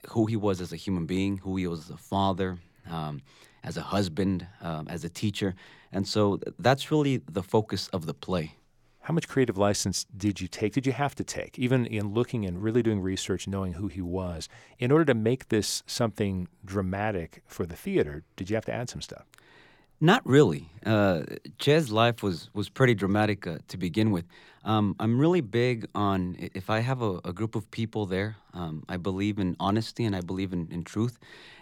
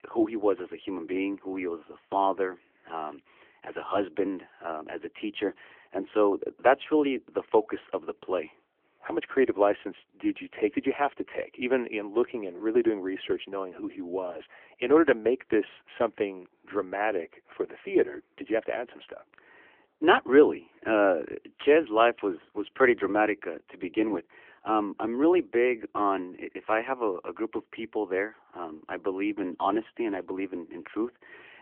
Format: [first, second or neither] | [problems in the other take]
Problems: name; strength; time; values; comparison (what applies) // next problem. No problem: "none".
first | phone-call audio; nothing above 3 kHz